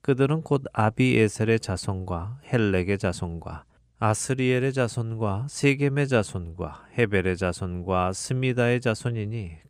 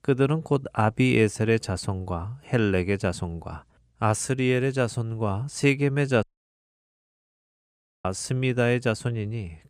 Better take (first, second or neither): first